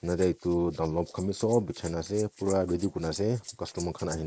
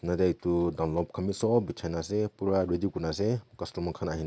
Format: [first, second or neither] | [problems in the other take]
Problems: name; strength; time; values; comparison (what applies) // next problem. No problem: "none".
second | noise reduction (neural mask model Resemble Enhance denoiser)